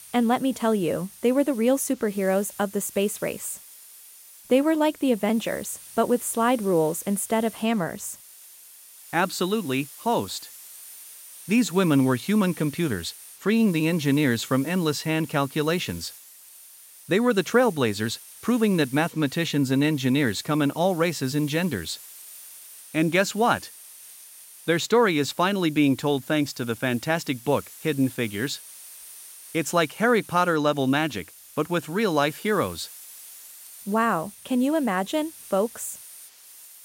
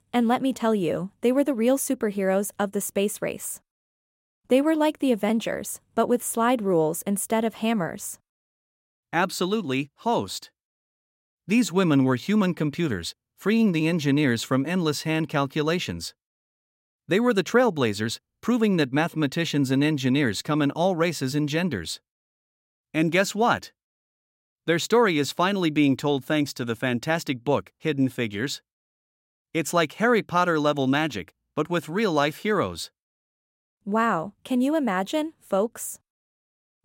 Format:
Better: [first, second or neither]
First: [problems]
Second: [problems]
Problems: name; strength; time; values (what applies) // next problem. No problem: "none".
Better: second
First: hiss; noticeable; throughout; 20 dB below the speech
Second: none